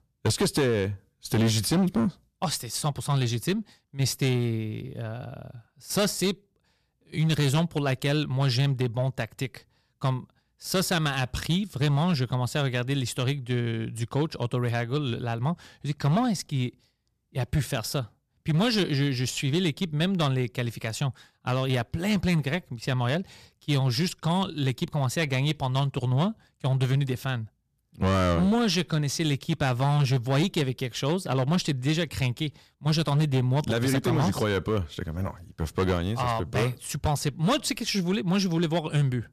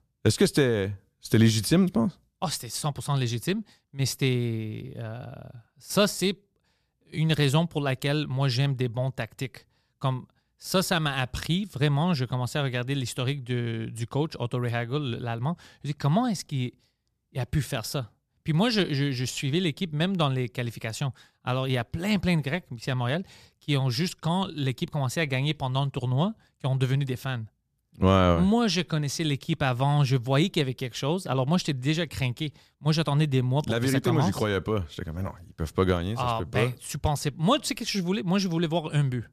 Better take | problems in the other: second | distortion; slight; 7% of the sound clipped

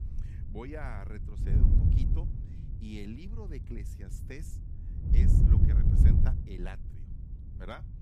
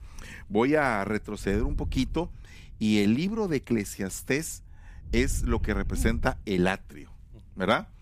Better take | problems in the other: second | wind noise on the microphone; heavy; 5 dB above the speech; occasional gusts in the second

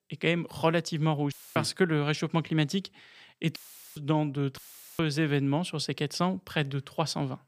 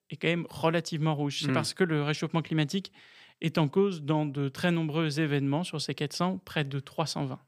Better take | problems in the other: second | audio cutting out; filled with static; at 1.5 s, at 3.5 s and at 4.5 s

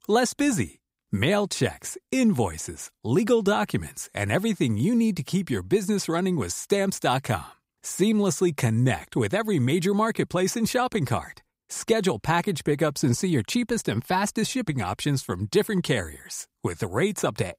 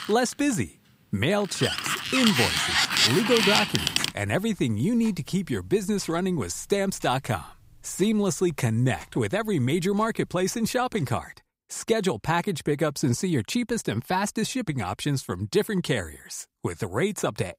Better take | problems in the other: first | household noises; very loud; until 11 s; 3 dB above the speech

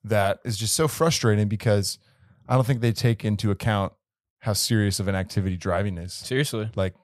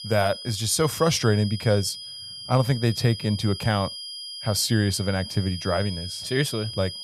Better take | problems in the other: first | high-pitched whine; loud; throughout; 5 kHz, 10 dB below the speech

